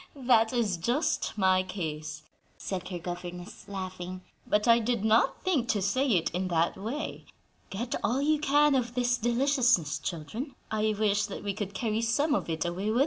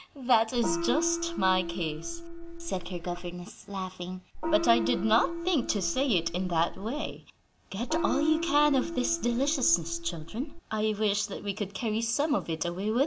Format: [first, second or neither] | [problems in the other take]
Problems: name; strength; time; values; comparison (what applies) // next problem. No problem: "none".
first | background sound (Gong); 5 dB below the speech